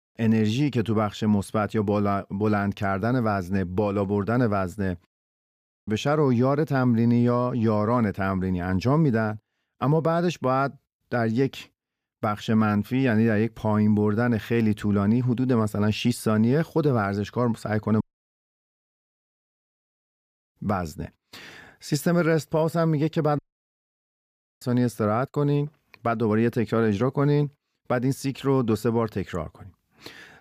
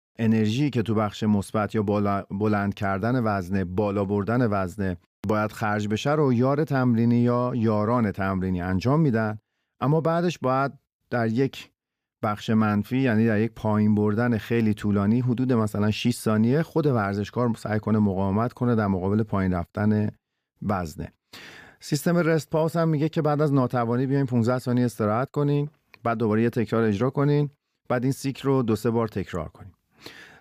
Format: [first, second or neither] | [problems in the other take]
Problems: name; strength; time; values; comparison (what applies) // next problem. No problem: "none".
second | audio cutting out; at 5 s for 0.5 s, at 18 s for 2.5 s and at 23 s for 1 s